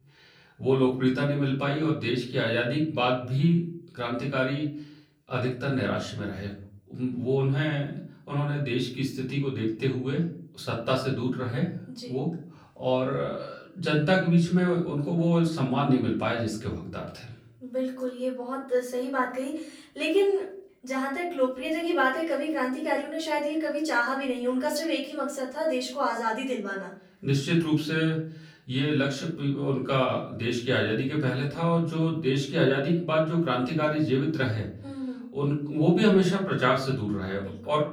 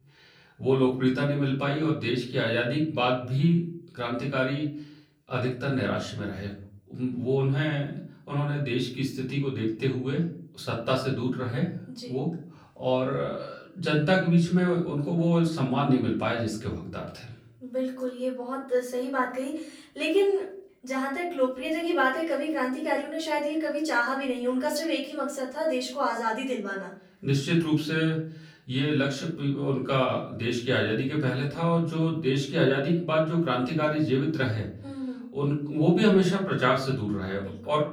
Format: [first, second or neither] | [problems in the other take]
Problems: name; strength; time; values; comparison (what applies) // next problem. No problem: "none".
neither | off-mic speech; far; the same in both // room echo; slight; dies away in 0.5 s; the same in both